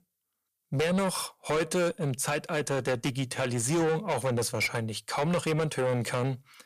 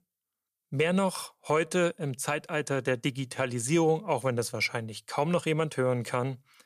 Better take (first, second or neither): second